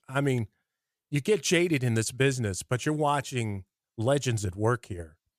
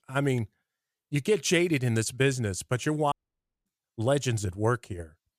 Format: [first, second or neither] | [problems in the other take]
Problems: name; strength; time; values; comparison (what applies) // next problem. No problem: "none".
first | audio cutting out; at 3 s for 0.5 s